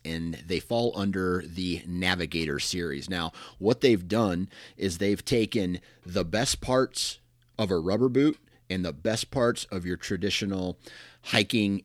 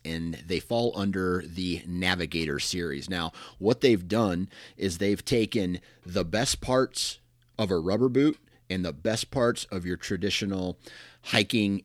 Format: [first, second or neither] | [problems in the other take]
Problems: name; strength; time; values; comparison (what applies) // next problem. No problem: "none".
neither | none